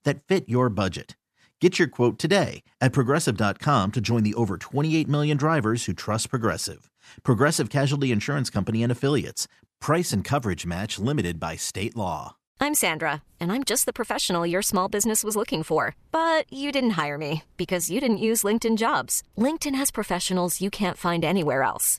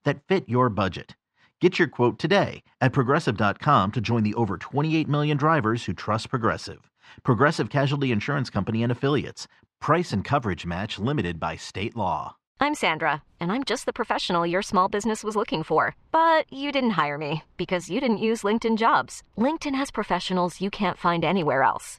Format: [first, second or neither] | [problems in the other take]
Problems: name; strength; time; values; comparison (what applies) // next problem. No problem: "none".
first | muffled; slightly; fading above 3.5 kHz